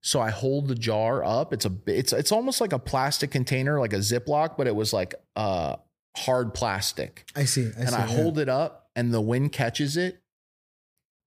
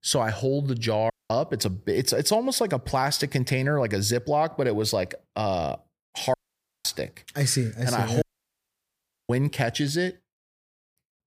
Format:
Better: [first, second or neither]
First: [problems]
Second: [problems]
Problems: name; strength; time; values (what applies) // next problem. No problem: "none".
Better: first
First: none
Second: audio cutting out; at 1 s, at 6.5 s for 0.5 s and at 8 s for 1 s